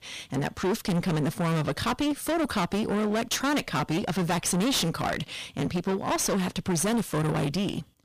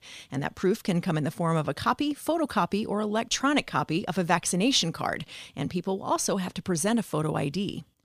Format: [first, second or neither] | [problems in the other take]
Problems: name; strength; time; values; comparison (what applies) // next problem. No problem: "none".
second | distortion; heavy; 28% of the sound clipped